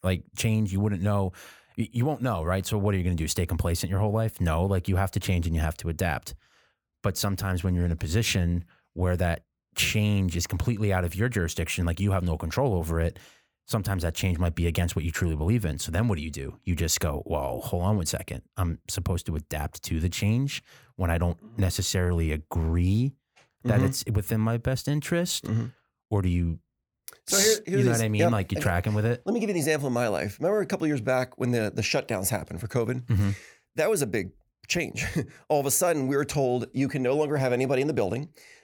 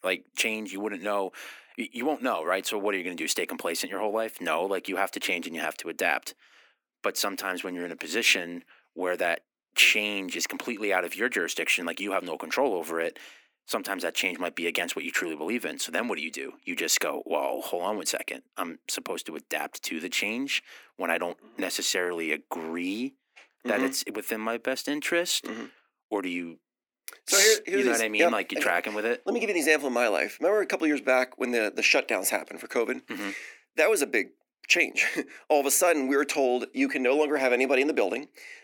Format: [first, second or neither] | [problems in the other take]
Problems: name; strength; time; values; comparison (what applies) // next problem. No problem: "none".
first | thin; somewhat; fading below 250 Hz